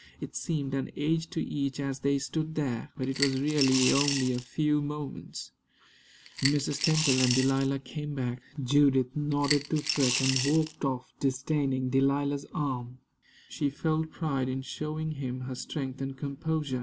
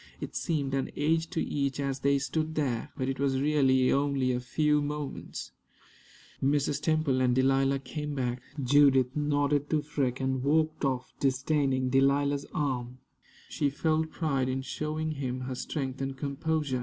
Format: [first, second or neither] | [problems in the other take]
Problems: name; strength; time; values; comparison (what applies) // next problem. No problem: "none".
second | background sound (Coin (dropping) / Glass); 4 dB below the speech